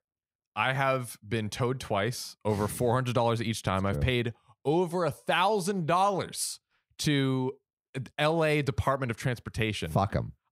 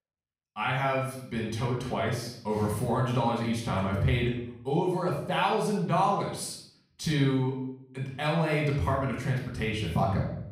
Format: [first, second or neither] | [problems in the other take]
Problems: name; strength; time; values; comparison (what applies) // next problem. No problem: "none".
first | off-mic speech; far // room echo; noticeable; dies away in 0.6 s